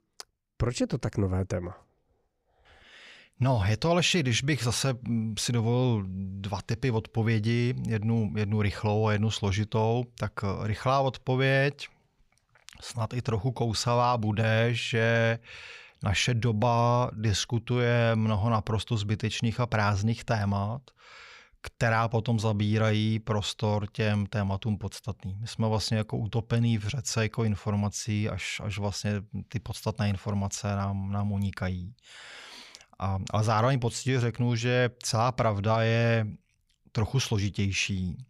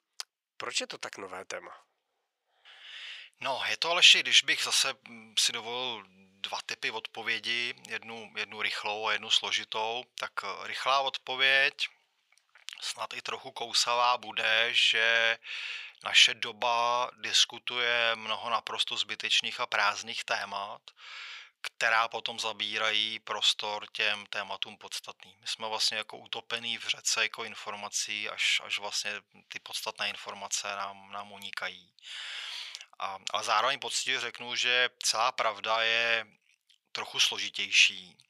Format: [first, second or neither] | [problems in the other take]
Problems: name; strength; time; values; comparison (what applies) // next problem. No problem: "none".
first | thin; very; fading below 900 Hz